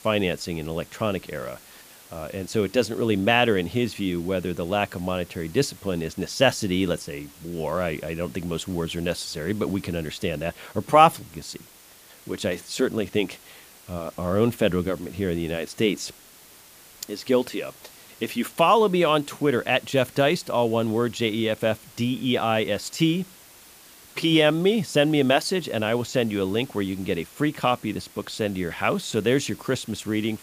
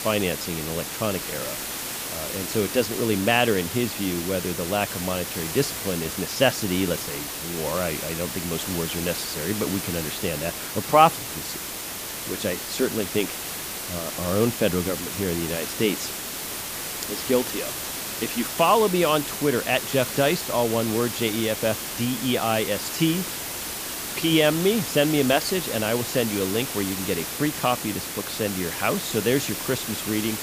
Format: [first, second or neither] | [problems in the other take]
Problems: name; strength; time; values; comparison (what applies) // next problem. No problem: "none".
first | hiss; loud; throughout; 5 dB below the speech; faint in the first